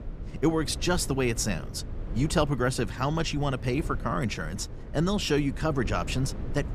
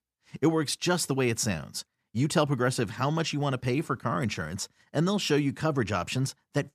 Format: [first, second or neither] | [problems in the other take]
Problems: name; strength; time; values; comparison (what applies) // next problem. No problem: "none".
second | low rumble; noticeable; throughout; 15 dB below the speech